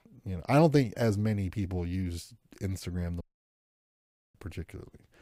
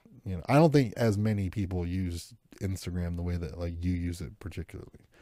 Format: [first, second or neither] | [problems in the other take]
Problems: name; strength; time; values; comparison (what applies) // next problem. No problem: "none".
second | audio cutting out; at 3 s for 1 s